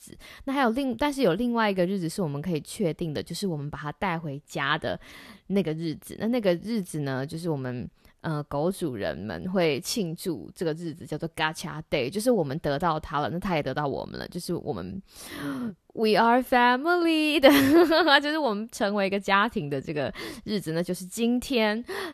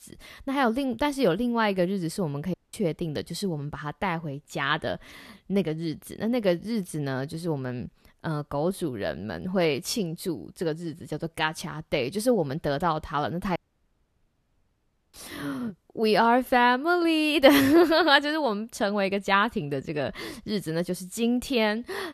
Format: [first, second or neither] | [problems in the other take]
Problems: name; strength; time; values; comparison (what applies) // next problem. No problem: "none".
first | audio cutting out; at 2.5 s and at 14 s for 1.5 s